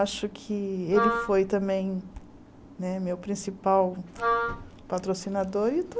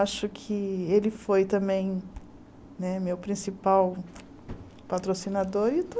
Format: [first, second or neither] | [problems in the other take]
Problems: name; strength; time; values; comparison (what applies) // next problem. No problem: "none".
second | background sound (Wind instrument, woodwind instrument); 2 dB below the speech